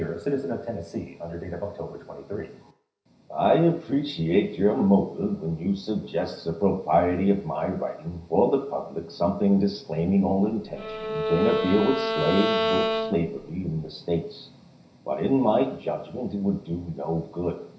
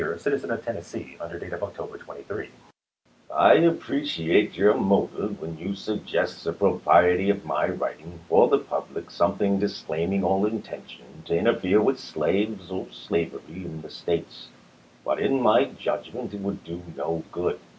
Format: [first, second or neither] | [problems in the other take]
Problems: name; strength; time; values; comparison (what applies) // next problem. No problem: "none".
second | background sound (Bowed string instrument); 2 dB below the speech // room echo; dies away in 0.5 s